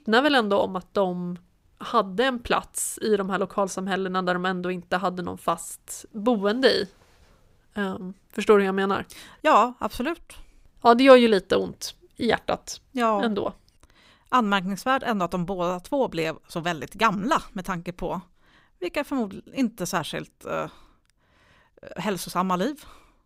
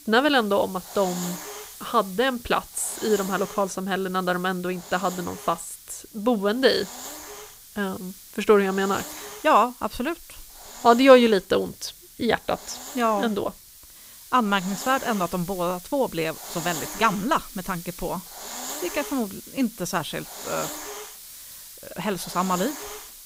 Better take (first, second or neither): first